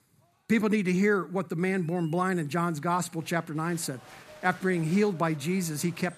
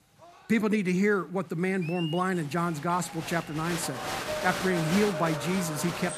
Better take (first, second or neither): first